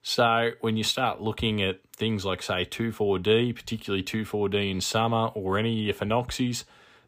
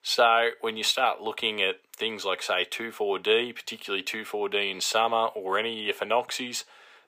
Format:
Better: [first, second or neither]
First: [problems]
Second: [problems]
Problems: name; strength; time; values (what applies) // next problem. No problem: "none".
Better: first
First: none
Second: thin; very; fading below 550 Hz